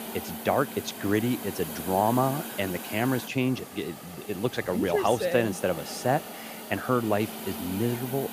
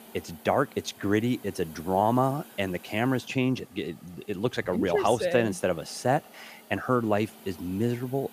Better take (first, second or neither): second